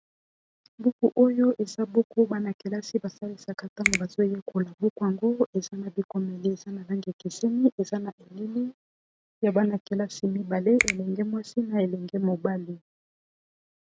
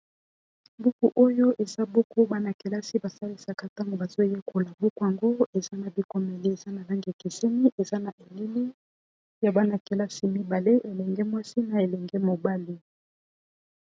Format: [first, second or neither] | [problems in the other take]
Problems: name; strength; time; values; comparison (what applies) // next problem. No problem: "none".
second | background sound (Finger snapping); 5 dB below the speech